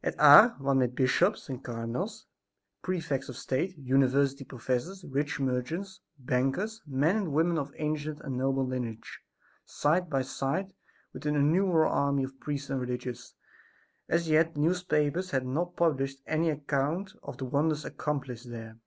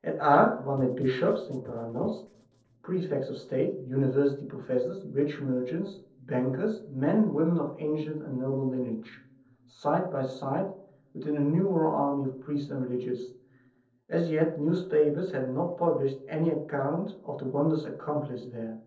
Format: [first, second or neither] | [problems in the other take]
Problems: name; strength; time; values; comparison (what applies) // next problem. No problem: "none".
first | noise reduction (neural separator model SepFormer DNS4)